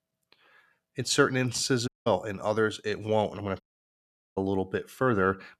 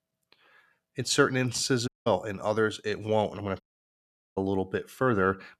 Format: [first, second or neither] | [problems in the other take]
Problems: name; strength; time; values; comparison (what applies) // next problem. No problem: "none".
neither | audio cutting out; at 2 s and at 3.5 s for 1 s; the same in both